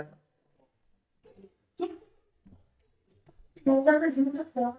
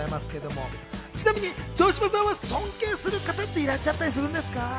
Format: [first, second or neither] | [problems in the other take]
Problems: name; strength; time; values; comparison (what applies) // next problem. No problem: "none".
second | noise reduction (neural mask model DeepFilterNet 3)